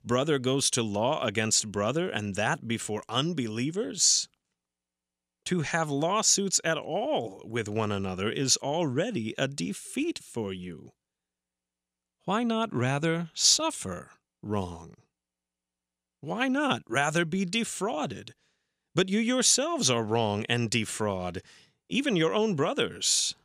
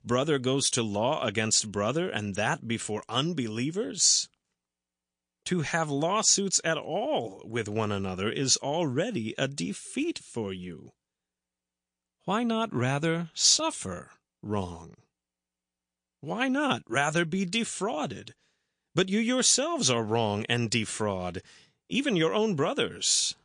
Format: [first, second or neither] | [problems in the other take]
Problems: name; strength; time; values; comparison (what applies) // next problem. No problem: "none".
first | garbled, watery; slightly